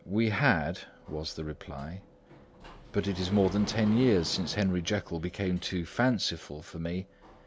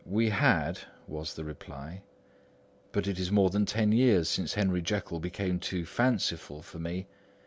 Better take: second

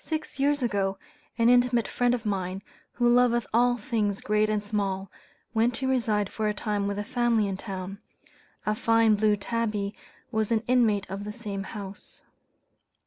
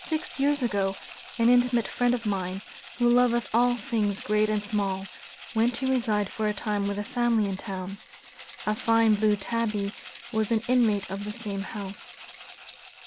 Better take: first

